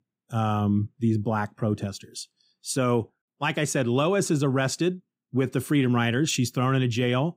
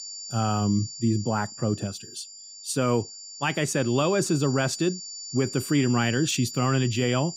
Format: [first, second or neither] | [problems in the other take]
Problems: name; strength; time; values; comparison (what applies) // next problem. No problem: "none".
first | high-pitched whine; noticeable; throughout; 4.5 kHz, 10 dB below the speech